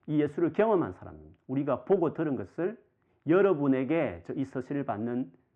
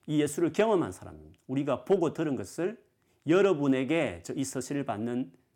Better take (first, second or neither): second